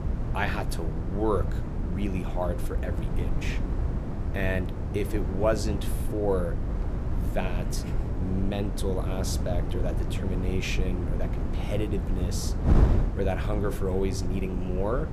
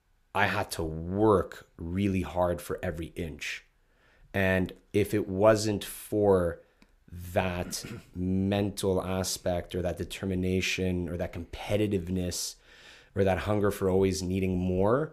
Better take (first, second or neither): second